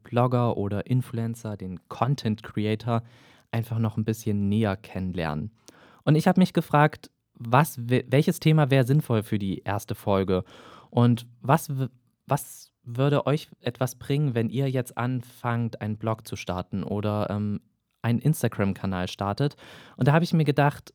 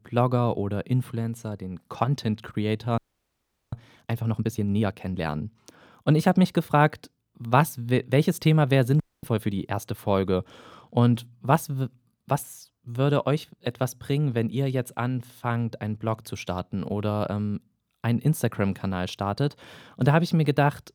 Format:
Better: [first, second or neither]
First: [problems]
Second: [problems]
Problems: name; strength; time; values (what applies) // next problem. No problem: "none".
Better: first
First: none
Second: audio freezing; at 3 s for 0.5 s and at 9 s